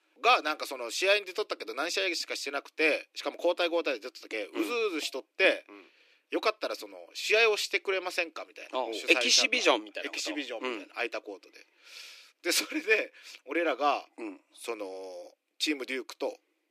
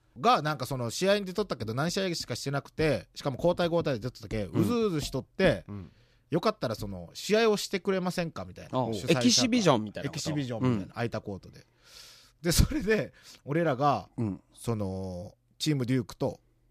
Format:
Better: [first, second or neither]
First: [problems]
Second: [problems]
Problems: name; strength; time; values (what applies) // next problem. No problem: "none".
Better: second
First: thin; very; fading below 300 Hz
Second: none